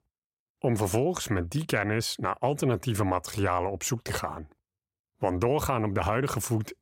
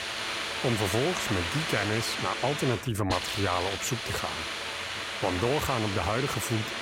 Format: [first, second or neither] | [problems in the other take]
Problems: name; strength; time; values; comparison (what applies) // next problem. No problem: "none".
first | hiss; loud; throughout; 1 dB below the speech